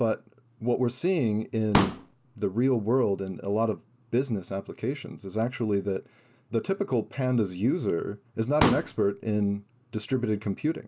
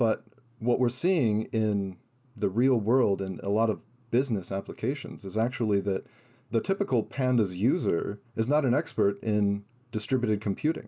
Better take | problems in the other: second | background sound (Explosion); 2 dB below the speech

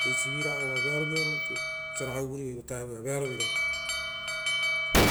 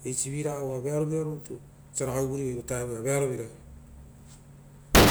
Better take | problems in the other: second | background sound (Alarm); 1 dB above the speech

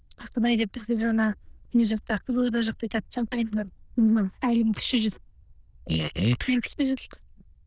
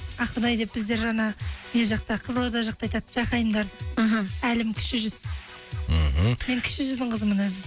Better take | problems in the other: second | noise reduction (neural diffusion model UNIVERSE++)

